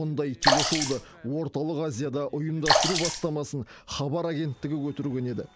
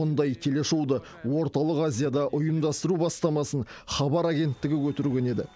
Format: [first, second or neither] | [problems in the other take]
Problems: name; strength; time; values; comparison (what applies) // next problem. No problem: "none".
second | background sound (Sink (filling or washing) / Water / Splash, splatter); 5 dB above the speech